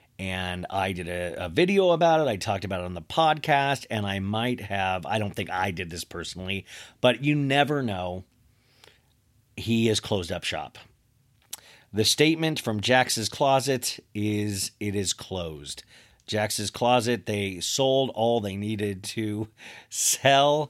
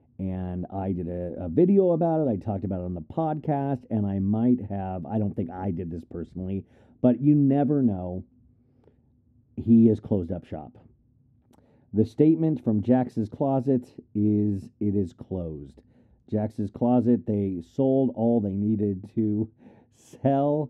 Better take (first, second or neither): first